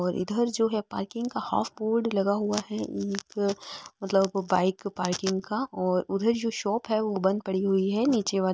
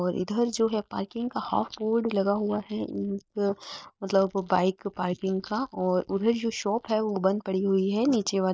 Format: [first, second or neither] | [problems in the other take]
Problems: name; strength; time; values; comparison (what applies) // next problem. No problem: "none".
first | noise reduction (neural mask model Resemble Enhance denoiser)